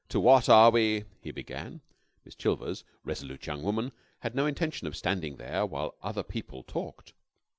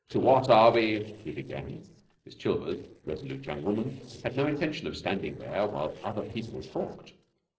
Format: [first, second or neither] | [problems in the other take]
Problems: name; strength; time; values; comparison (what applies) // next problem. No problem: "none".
first | noise reduction (neural separator model SepFormer DNS4)